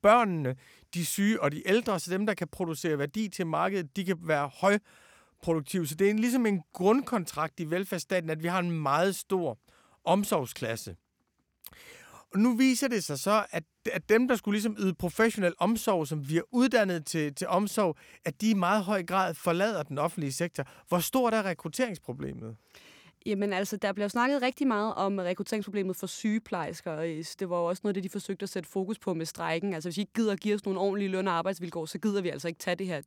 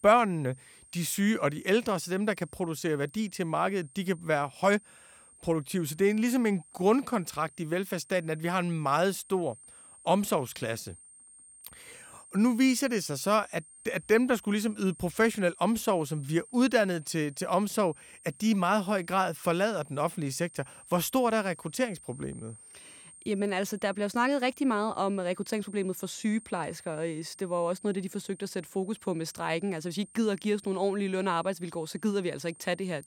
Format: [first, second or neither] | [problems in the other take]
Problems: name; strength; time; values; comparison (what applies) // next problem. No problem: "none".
first | high-pitched whine; faint; throughout; 8.5 kHz, 20 dB below the speech